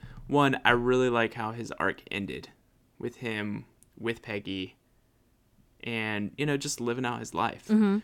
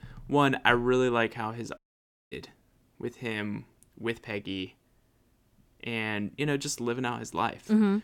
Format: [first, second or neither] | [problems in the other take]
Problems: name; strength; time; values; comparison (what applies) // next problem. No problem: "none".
first | audio cutting out; at 2 s for 0.5 s